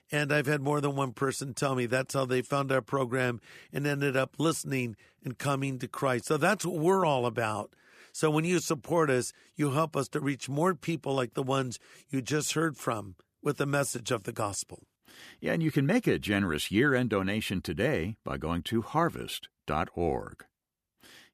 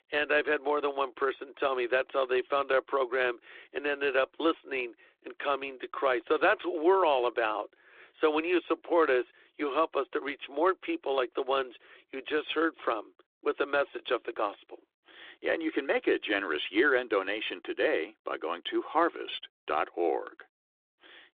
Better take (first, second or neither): first